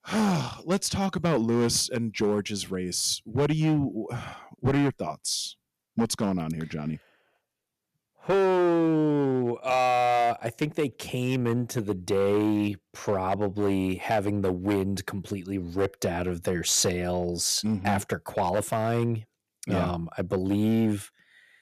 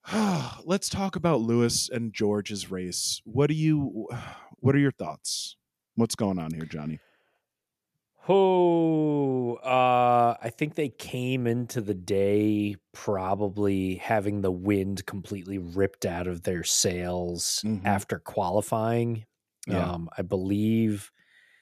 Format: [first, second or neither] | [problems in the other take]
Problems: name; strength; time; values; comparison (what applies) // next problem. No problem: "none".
second | distortion; slight; 7% of the sound clipped